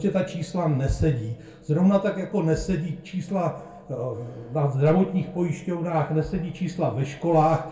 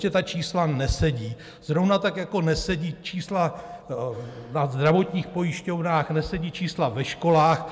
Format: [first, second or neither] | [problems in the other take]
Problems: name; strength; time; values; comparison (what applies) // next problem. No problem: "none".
second | room echo; dies away in 0.3 s